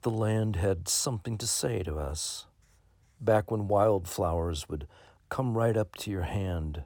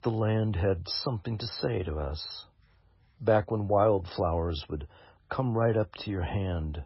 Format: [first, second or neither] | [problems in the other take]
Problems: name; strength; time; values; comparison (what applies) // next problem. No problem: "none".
first | garbled, watery; badly; nothing above 5.5 kHz